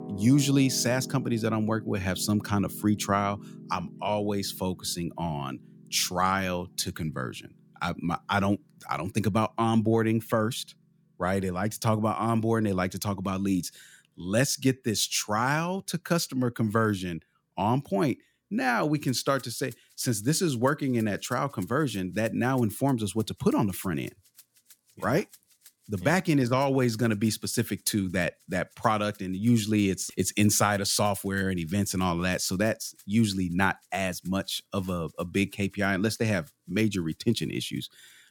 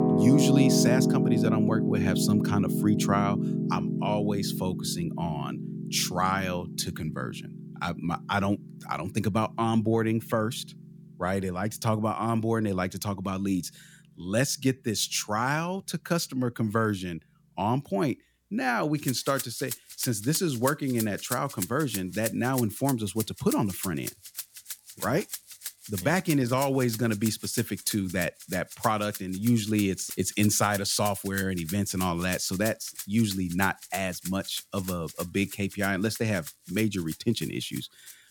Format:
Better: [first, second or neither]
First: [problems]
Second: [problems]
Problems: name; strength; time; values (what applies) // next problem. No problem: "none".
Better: first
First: background music; faint; throughout; 20 dB below the speech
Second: background music; loud; throughout; 4 dB below the speech